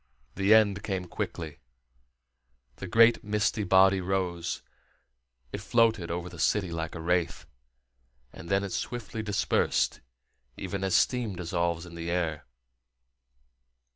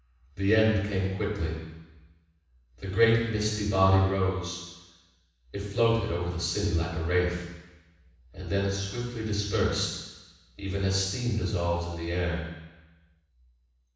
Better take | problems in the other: first | room echo; dies away in 1.1 s

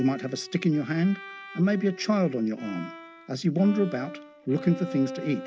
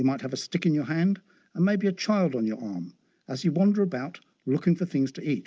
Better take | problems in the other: second | background sound (Bowed string instrument); 14 dB below the speech

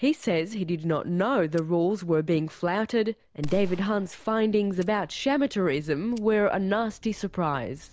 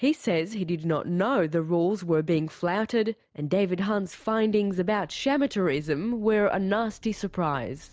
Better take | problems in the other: second | background sound (Gunshot, gunfire); 17 dB below the speech

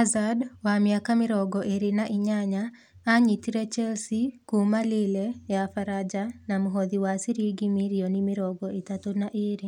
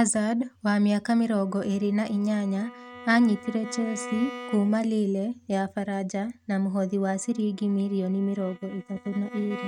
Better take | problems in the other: first | noise reduction (neural mask model RNNoise)

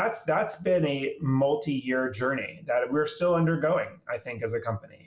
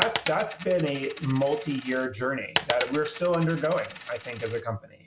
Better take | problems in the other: first | background sound (Coin (dropping)); 8 dB below the speech

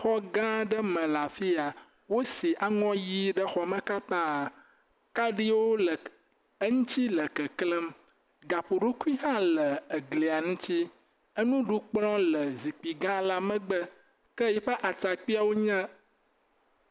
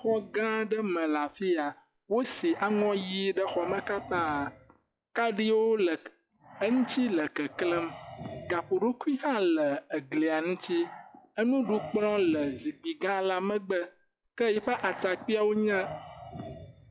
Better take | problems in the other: first | noise reduction (classical method log-MMSE)

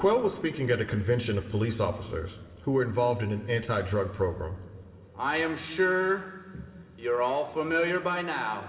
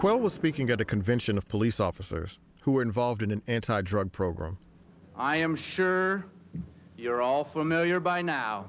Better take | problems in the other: second | room echo; dies away in 2.8 s

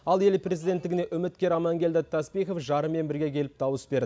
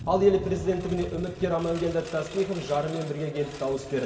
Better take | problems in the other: first | background sound (Engine); 13 dB below the speech // room echo; dies away in 2.1 s

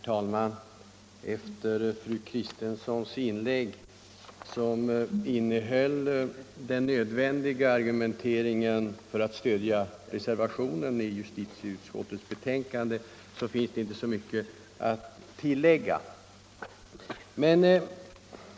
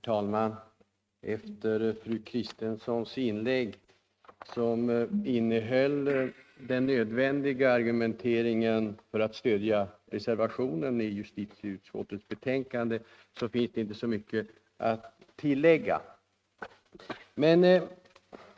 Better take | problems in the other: first | noise reduction (neural mask model RNNoise)

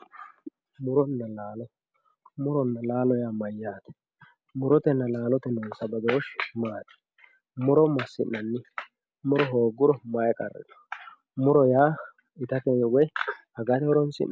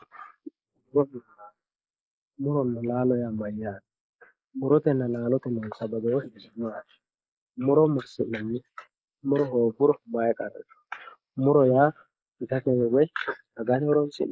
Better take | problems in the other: first | noise reduction (neural mask model Resemble Enhance denoiser)

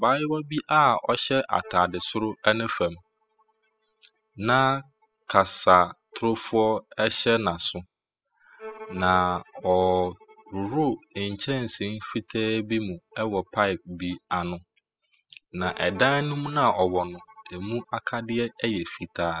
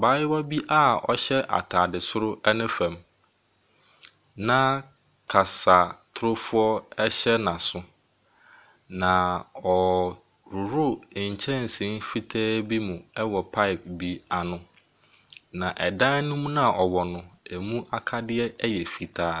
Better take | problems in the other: second | noise reduction (classical method spectral subtraction)

